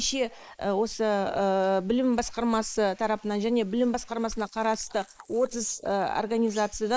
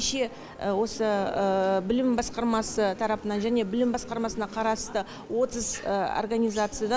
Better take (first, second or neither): second